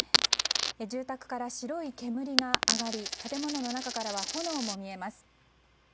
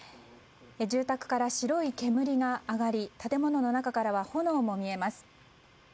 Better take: second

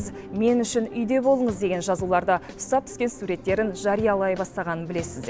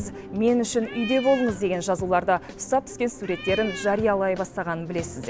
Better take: first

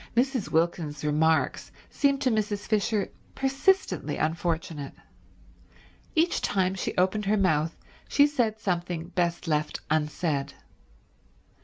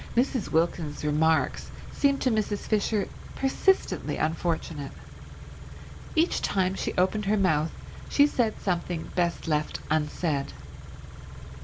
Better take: first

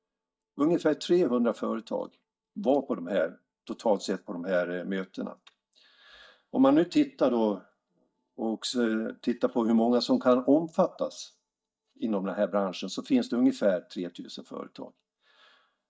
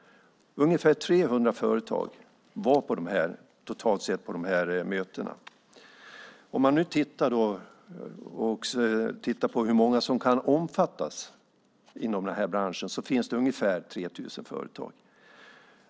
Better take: second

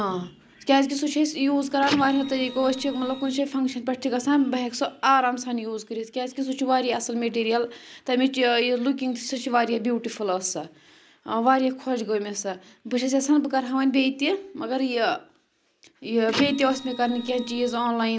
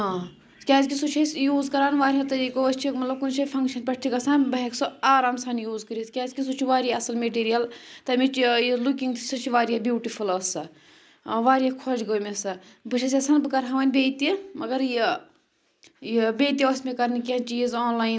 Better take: second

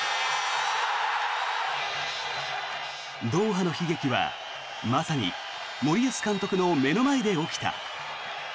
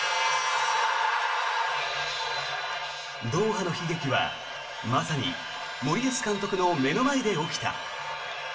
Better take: first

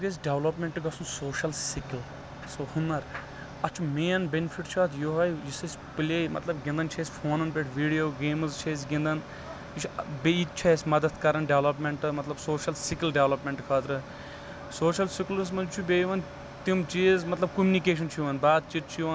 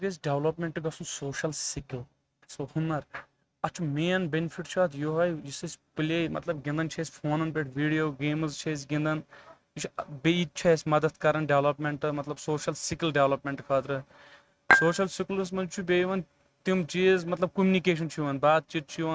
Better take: first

